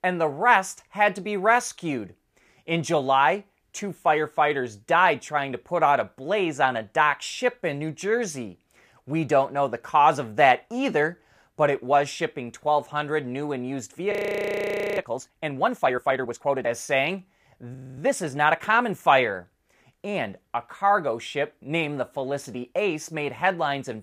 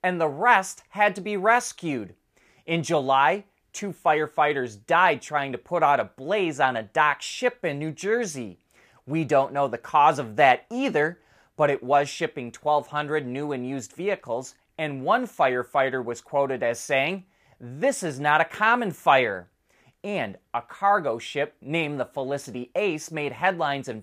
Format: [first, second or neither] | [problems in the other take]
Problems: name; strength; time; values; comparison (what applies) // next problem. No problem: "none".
second | audio freezing; at 14 s for 1 s and at 18 s